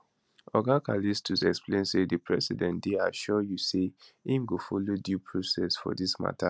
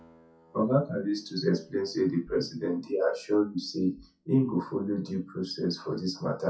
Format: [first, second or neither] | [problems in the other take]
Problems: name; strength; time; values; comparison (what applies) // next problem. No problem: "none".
first | noise reduction (classical method WPE with log-MMSE)